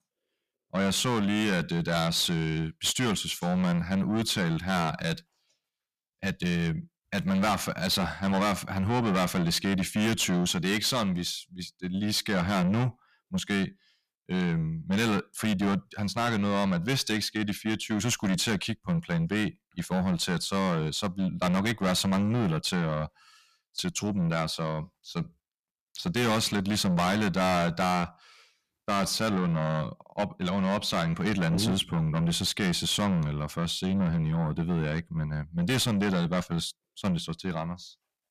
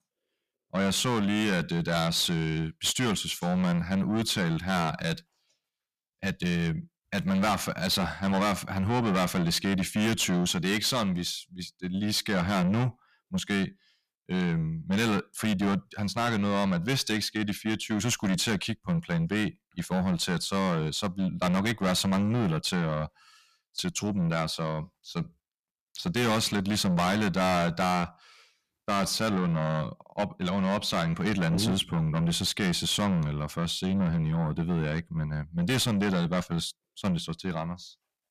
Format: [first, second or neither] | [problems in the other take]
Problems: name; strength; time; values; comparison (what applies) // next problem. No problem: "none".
neither | distortion; heavy; 6 dB below the speech; the same in both